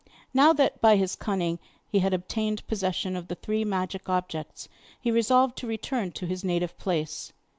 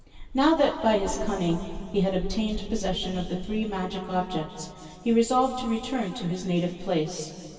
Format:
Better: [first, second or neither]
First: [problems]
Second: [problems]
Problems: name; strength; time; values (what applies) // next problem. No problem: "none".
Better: first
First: none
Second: background sound (Wind); 12 dB below the speech // room echo; dies away in 2.6 s